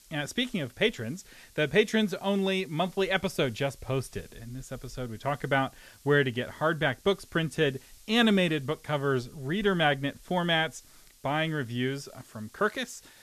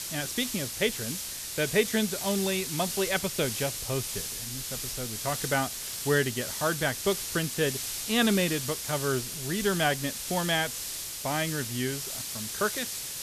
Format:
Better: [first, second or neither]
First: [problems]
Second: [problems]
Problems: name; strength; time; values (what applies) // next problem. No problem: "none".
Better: first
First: hiss; faint; throughout; 25 dB below the speech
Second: hiss; loud; throughout; 3 dB below the speech